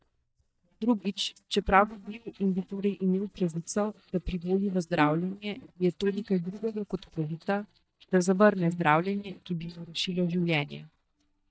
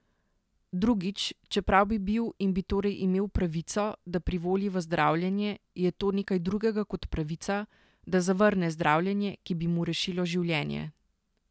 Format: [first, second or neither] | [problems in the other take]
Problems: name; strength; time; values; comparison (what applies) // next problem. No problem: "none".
second | noise reduction (neural mask model DeepFilterNet 3)